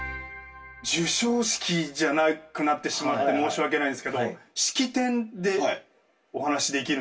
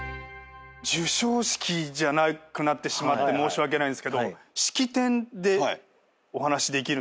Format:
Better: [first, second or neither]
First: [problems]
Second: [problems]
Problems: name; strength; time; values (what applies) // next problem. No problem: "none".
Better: second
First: room echo; dies away in 0.2 s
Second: none